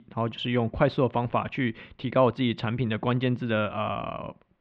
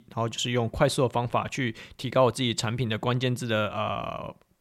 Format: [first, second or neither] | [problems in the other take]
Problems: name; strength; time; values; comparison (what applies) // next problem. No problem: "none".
second | muffled; very; fading above 3 kHz